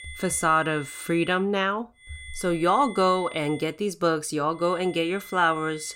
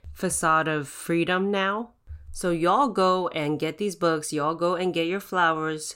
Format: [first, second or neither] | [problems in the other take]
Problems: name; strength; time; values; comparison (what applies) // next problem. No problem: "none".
second | high-pitched whine; noticeable; until 1.5 s, from 2 to 3.5 s and from 4.5 s on; 2 kHz, 15 dB below the speech